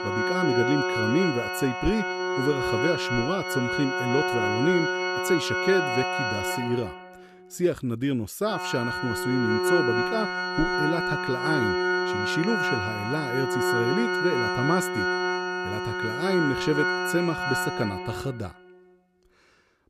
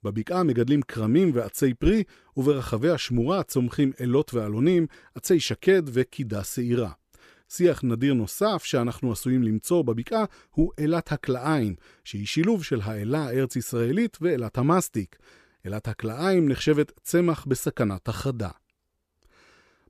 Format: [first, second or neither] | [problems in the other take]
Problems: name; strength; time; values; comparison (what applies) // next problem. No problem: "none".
second | background music; very loud; throughout; 2 dB above the speech